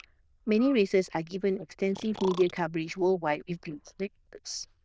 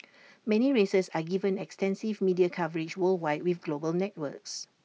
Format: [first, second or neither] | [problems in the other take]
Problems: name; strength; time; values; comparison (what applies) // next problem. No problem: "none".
second | noise reduction (neural diffusion model UNIVERSE++)